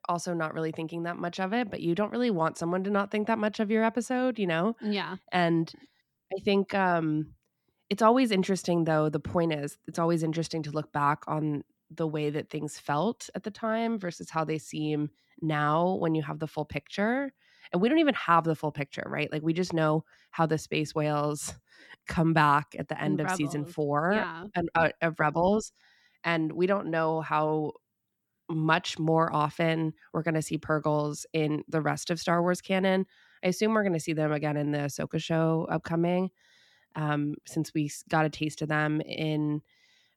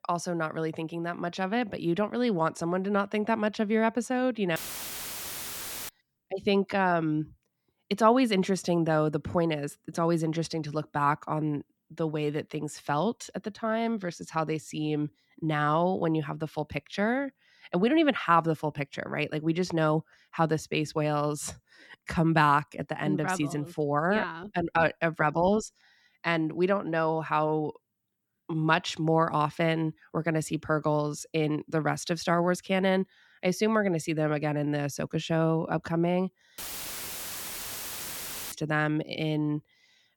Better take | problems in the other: first | audio cutting out; filled with static; at 4.5 s for 1.5 s and at 37 s for 2 s

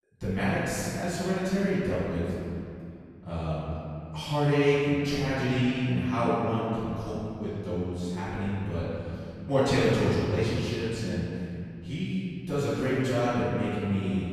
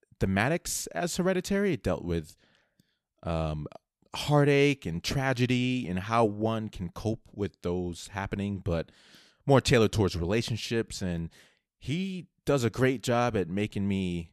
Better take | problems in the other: second | room echo; strong; dies away in 2.5 s // off-mic speech; far

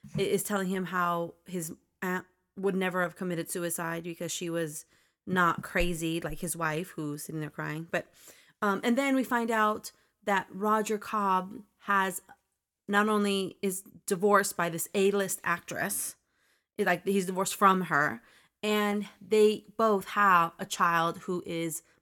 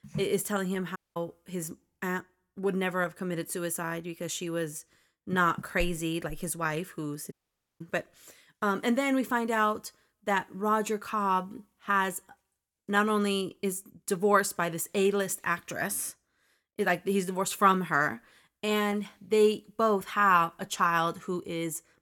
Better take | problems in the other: first | audio cutting out; at 1 s and at 7.5 s

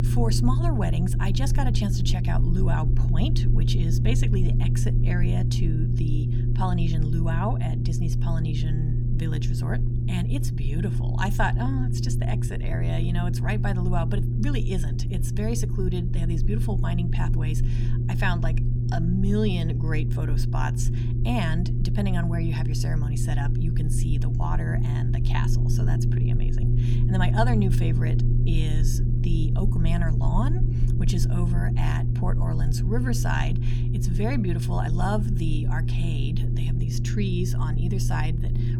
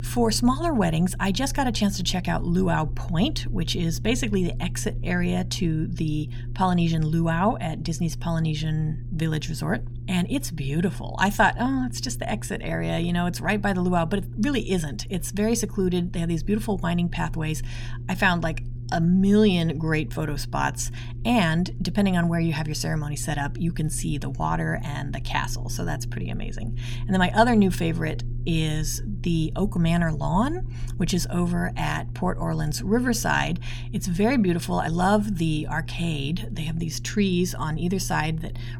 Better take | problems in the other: second | low rumble; loud; throughout; 4 dB below the speech; faint in the second

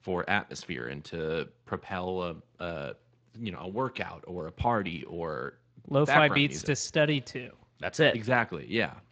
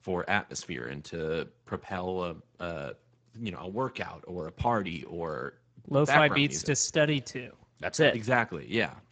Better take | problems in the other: first | garbled, watery; badly; nothing above 7.5 kHz; slightly in the first

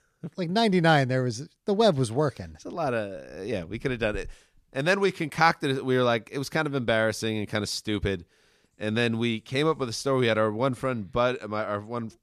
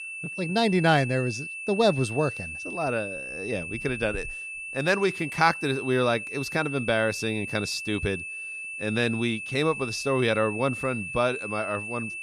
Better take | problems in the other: first | high-pitched whine; loud; throughout; 2.5 kHz, 7 dB below the speech

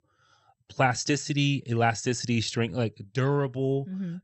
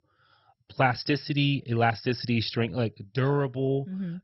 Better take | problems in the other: first | garbled, watery; badly; nothing above 5.5 kHz; slightly in the first

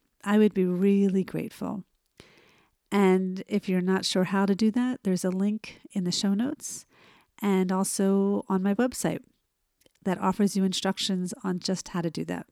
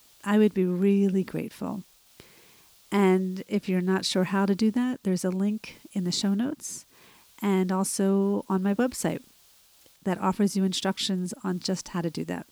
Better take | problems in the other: first | hiss; faint; throughout; 30 dB below the speech

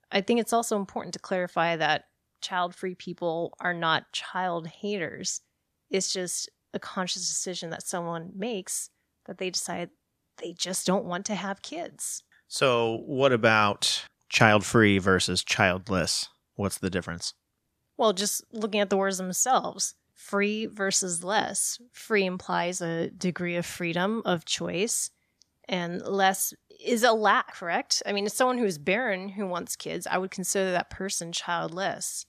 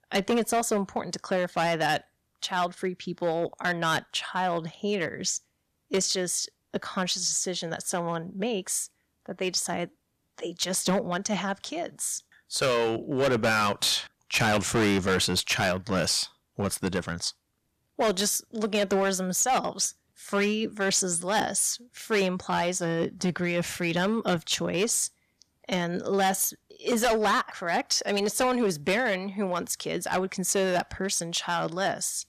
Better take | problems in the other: first | distortion; heavy; 7% of the sound clipped

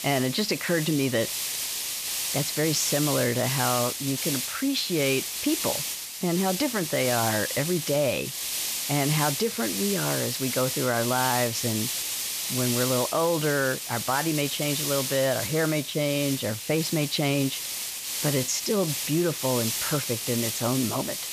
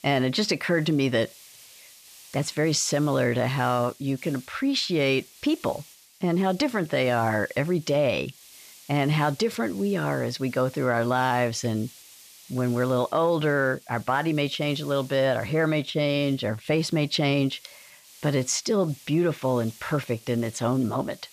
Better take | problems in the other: second | hiss; loud; throughout; 2 dB below the speech; faint in the second

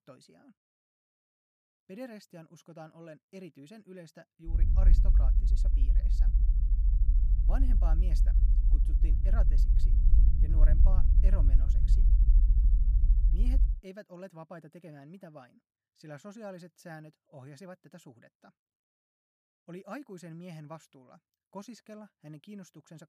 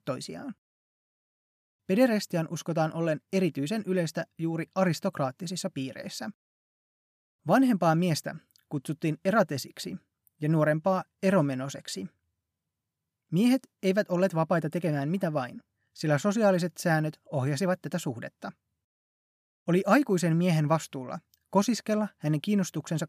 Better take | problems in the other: second | low rumble; loud; from 4.5 to 14 s; 2 dB below the speech

